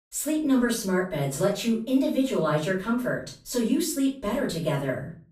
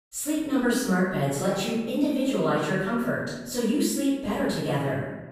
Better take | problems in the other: first | room echo; strong; dies away in 1 s; slight in the first // off-mic speech; far; far in the first

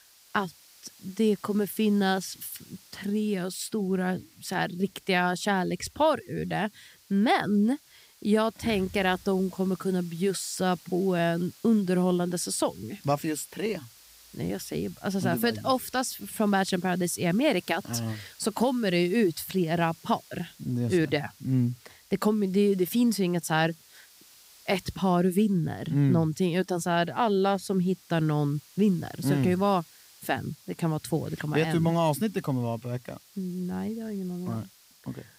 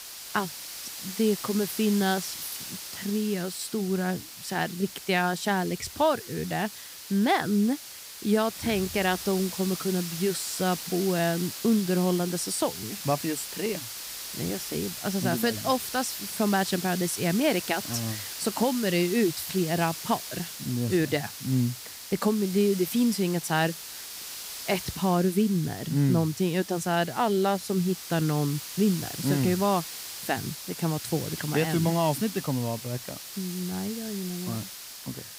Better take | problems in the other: first | hiss; loud; throughout; 8 dB below the speech; faint in the first

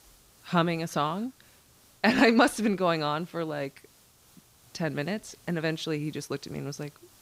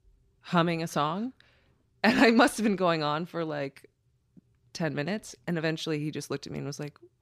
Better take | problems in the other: second | hiss; faint; throughout; 30 dB below the speech

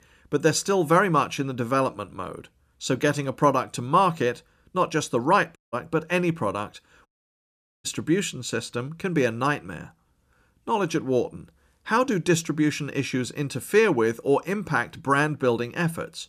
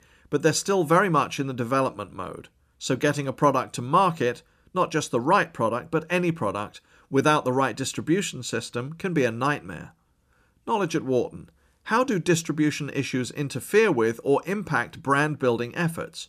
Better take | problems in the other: second | audio cutting out; at 5.5 s and at 7 s for 1 s

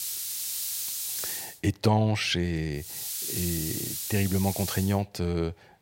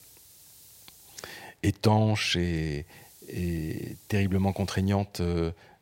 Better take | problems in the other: second | hiss; loud; until 1.5 s and from 3 to 5 s; 3 dB below the speech; faint in the second

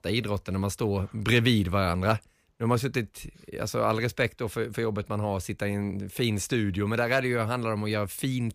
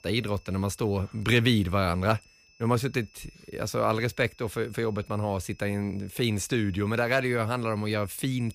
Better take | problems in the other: first | high-pitched whine; faint; throughout; 2.5 kHz, 30 dB below the speech

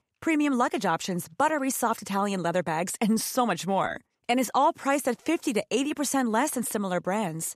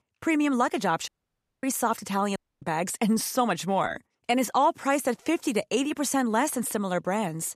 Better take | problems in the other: first | audio cutting out; at 1 s for 0.5 s and at 2.5 s

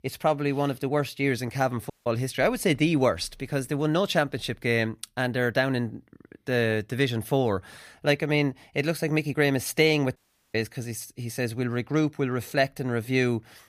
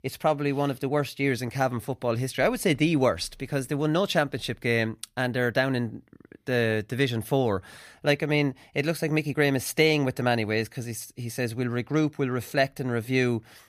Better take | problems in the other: second | audio cutting out; at 2 s and at 10 s

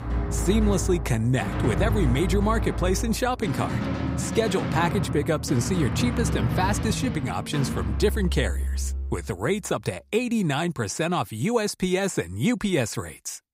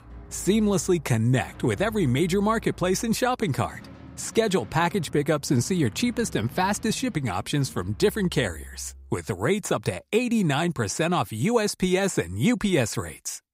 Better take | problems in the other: second | background music; loud; until 9 s; 3 dB below the speech; faint in the second

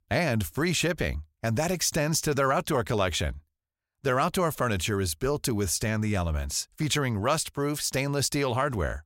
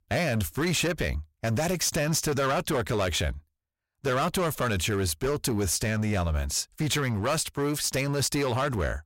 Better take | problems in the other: first | distortion; slight; 13% of the sound clipped

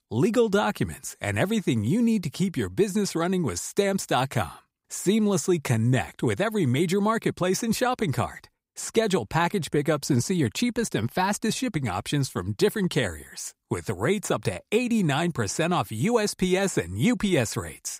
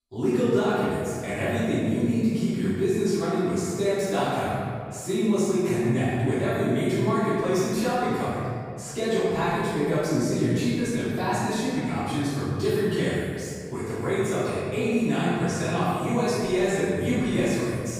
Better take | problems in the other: first | off-mic speech; far // room echo; strong; dies away in 2 s

